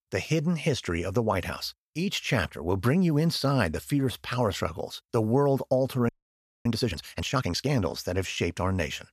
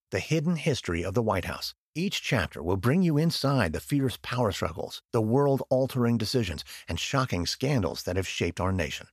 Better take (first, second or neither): second